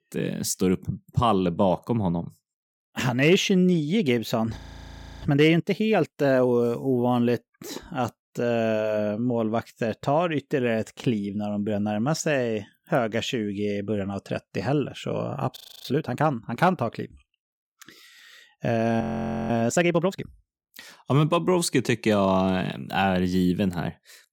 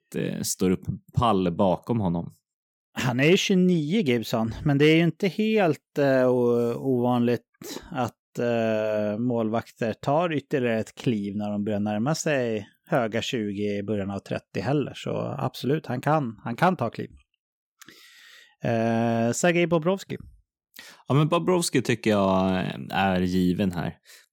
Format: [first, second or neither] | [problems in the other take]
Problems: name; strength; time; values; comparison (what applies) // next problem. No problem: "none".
second | audio freezing; at 4.5 s for 0.5 s, at 16 s and at 19 s